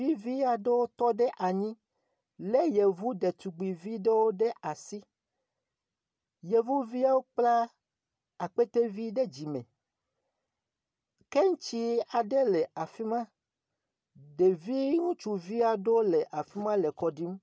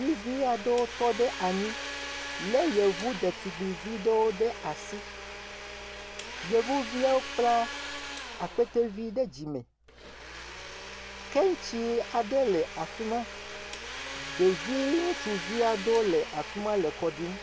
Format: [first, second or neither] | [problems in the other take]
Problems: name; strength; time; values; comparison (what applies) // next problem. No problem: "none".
first | background sound (Domestic sounds, home sounds); 10 dB below the speech